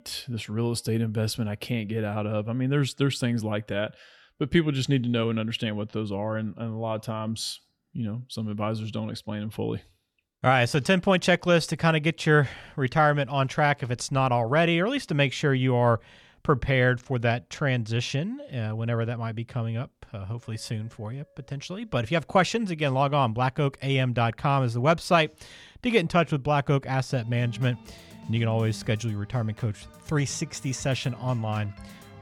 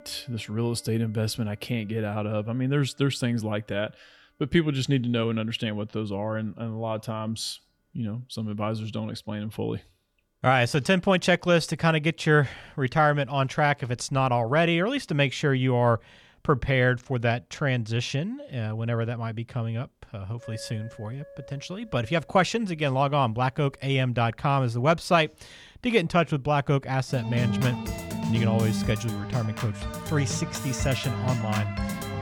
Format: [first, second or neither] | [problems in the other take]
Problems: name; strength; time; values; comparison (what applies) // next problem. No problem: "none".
first | background music; loud; throughout; 6 dB below the speech; faint in the first